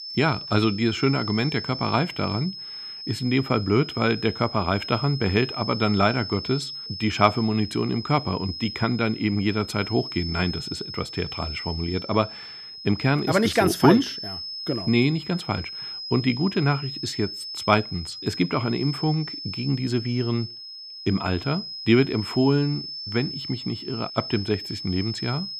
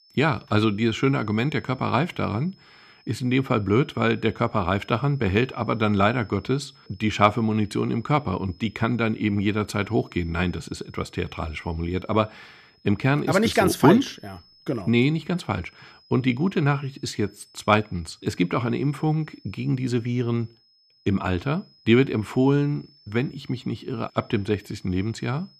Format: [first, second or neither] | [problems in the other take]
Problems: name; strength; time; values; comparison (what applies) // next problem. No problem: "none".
second | high-pitched whine; loud; throughout; 5 kHz, 8 dB below the speech; faint in the second